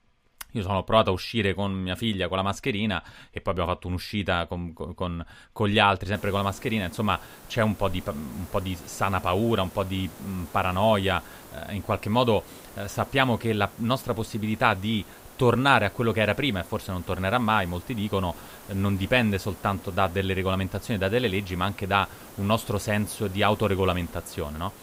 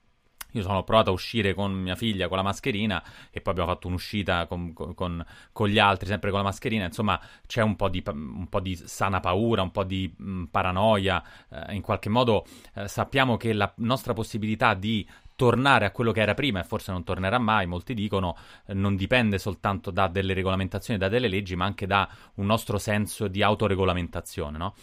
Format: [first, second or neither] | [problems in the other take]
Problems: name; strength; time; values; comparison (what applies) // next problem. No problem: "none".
second | hiss; noticeable; from 6 s on; 20 dB below the speech